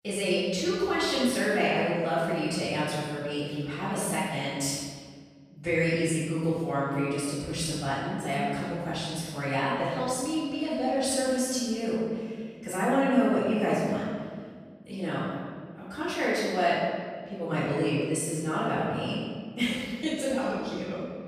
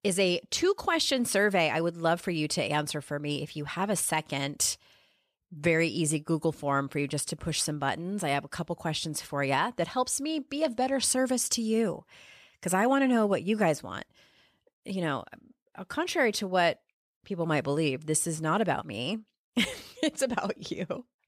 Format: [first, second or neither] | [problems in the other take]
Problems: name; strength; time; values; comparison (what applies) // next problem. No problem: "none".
second | off-mic speech; far // room echo; strong; dies away in 1.7 s